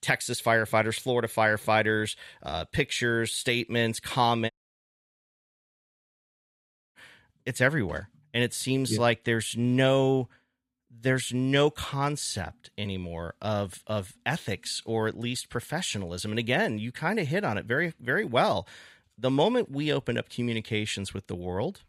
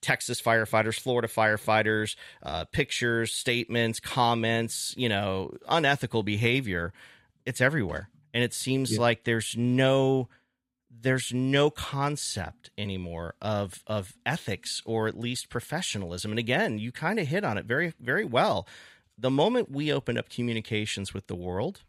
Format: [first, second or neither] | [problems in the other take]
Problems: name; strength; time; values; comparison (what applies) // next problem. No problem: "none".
second | audio cutting out; at 4.5 s for 2.5 s